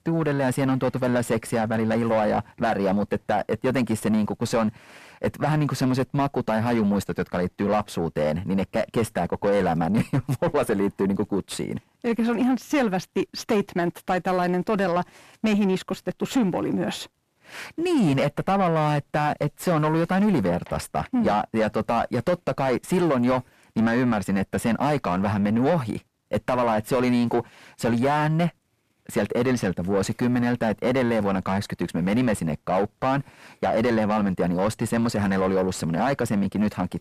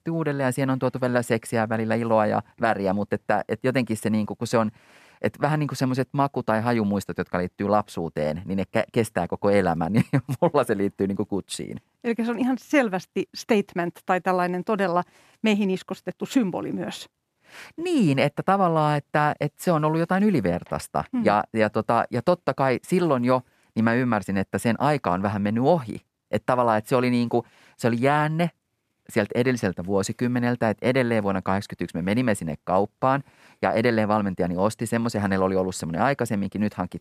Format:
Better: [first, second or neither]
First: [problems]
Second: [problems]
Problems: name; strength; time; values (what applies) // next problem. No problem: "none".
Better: second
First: distortion; heavy; 7 dB below the speech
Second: none